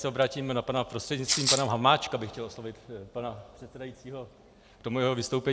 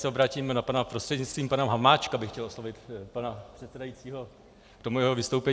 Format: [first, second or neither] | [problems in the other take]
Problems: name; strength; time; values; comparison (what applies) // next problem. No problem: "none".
second | background sound (Rattle (instrument)); 3 dB above the speech